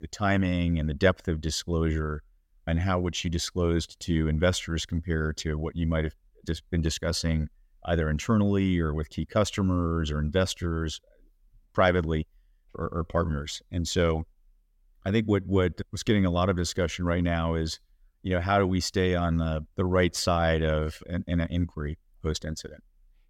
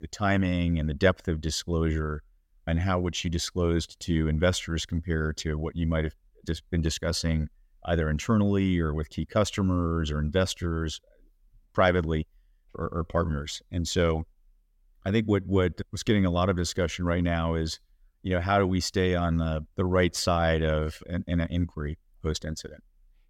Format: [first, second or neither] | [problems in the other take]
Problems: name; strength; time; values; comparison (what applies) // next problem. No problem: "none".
neither | none